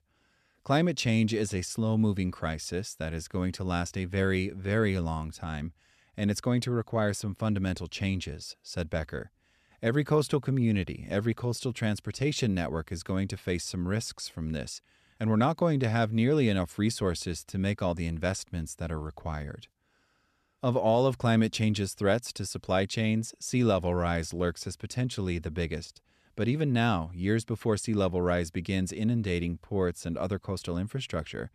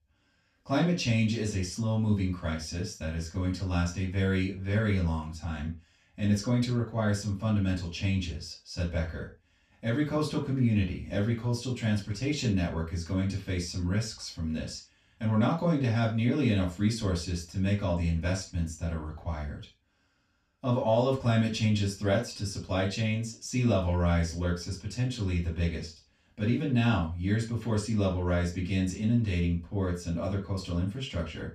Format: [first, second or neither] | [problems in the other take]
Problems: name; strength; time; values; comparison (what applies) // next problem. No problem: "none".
first | room echo; noticeable; dies away in 0.2 s // off-mic speech; far